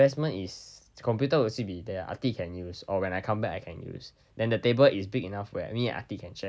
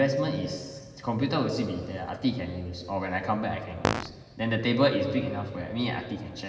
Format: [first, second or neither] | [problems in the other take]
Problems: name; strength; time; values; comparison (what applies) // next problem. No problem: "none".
first | background sound (Fart); 1 dB above the speech // room echo; dies away in 2.9 s